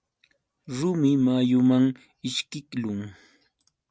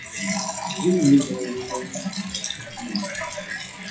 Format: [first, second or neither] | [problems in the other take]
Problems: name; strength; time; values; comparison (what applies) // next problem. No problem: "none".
first | noise reduction (classical method WPE with log-MMSE)